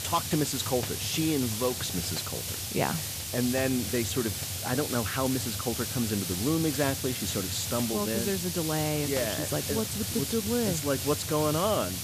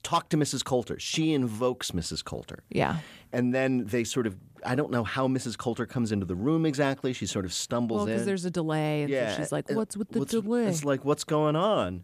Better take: second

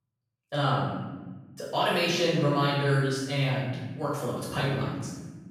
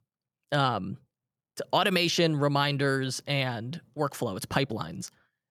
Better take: second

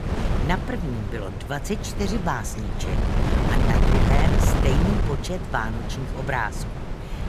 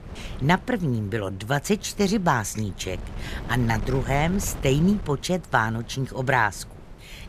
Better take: second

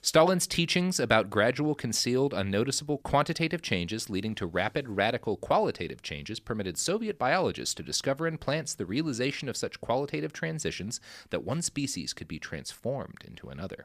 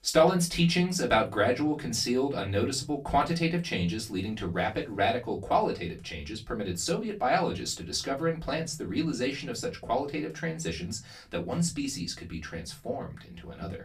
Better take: first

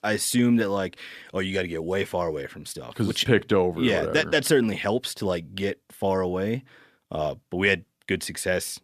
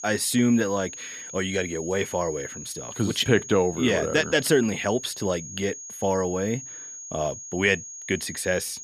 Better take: first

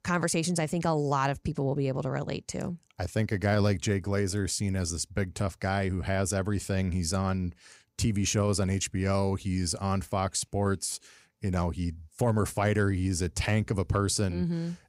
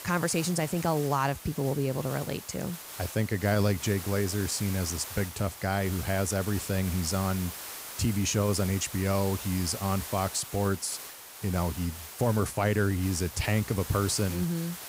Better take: first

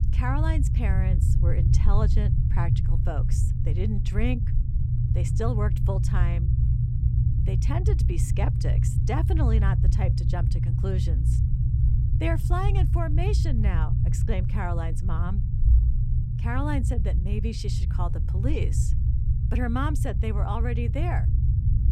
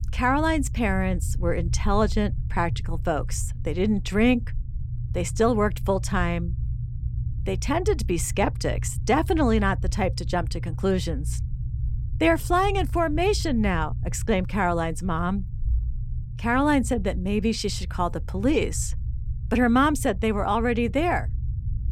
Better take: second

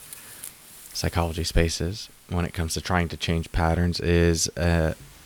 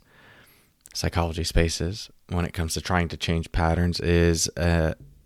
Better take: second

